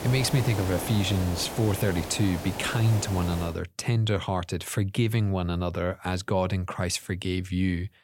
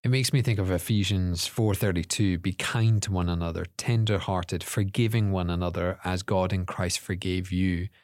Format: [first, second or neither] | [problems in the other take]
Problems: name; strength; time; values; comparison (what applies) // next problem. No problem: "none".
second | hiss; loud; until 3.5 s; 8 dB below the speech